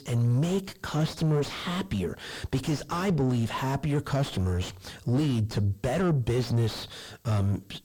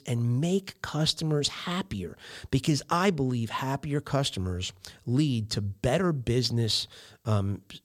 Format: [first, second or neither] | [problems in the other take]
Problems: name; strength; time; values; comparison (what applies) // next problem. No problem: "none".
second | distortion; heavy; 4 dB below the speech